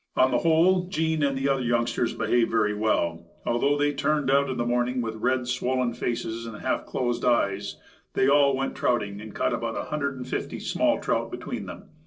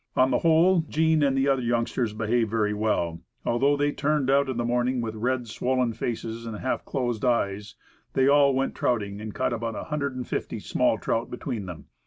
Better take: second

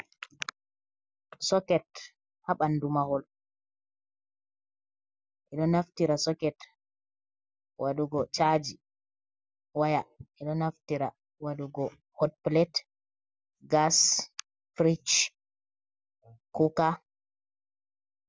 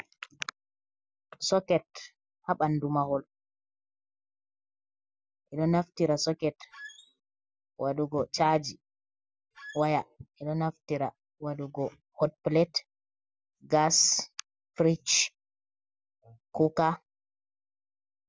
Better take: first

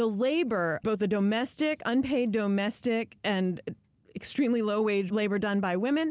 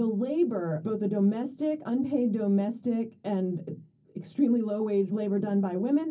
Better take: first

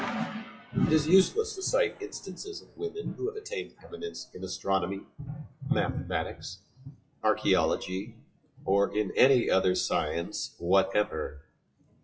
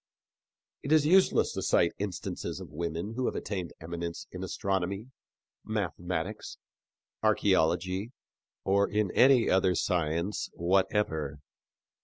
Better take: second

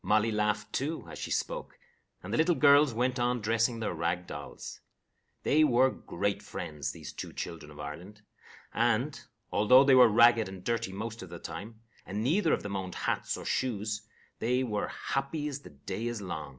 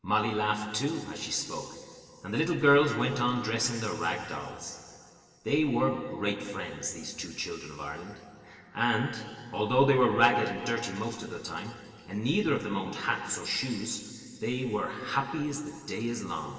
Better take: first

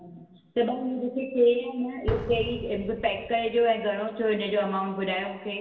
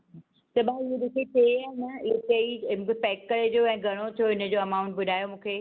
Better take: second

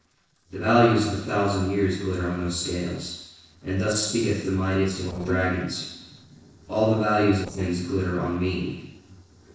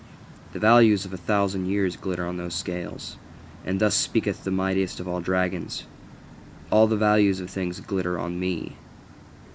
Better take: second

